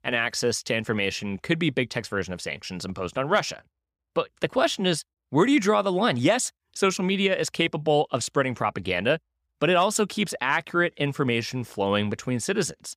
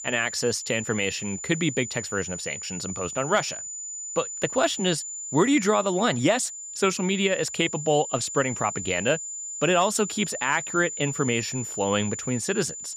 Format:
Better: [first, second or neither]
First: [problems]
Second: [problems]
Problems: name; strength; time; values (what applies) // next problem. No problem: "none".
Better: first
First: none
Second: high-pitched whine; loud; throughout; 7 kHz, 7 dB below the speech